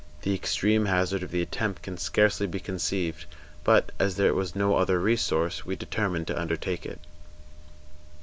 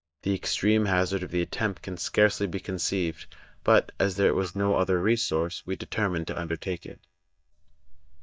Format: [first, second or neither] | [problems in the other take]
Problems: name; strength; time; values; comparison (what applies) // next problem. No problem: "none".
first | noise reduction (neural mask model DeepFilterNet 3)